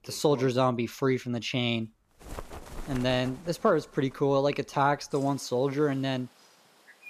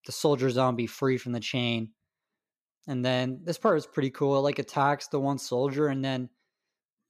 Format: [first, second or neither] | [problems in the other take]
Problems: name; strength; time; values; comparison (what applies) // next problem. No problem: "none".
second | animal sounds; noticeable; throughout; 20 dB below the speech